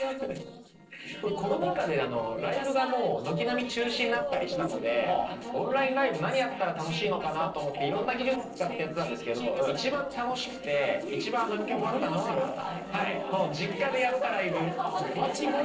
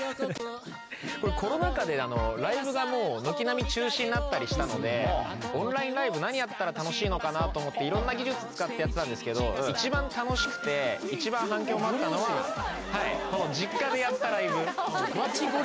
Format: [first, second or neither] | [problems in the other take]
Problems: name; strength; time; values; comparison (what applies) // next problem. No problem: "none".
second | noise reduction (neural separator model SepFormer DNS4)